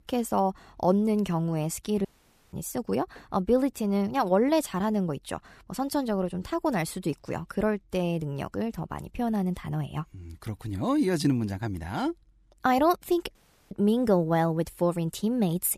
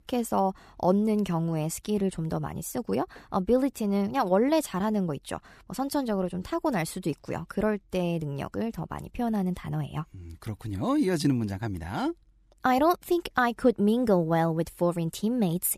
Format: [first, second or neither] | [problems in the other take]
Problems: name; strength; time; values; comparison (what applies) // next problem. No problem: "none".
second | audio cutting out; at 2 s and at 13 s